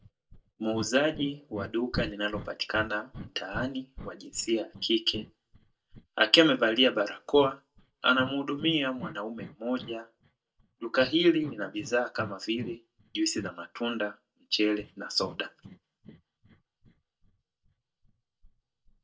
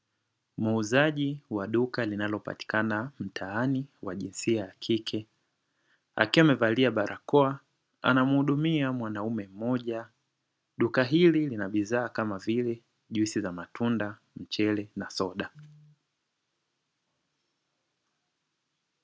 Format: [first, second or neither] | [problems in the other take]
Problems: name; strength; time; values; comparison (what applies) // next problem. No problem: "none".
second | noise reduction (neural mask model DeepFilterNet 3)